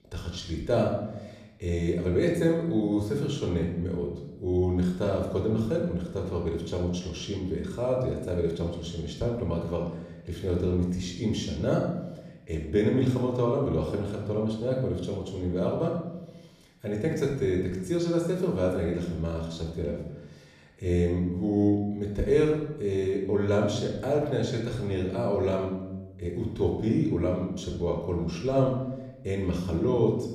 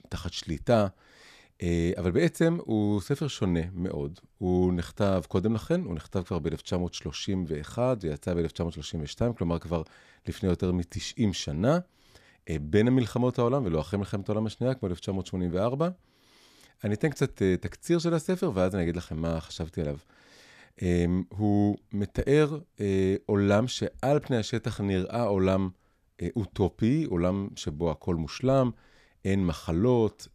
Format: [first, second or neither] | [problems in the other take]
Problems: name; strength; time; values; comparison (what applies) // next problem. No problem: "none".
second | room echo; noticeable; dies away in 0.8 s // off-mic speech; somewhat distant